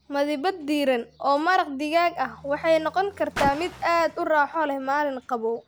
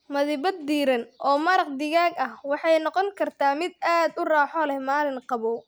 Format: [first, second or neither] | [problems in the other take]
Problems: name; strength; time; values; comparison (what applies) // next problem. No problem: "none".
second | background sound (Car); 17 dB below the speech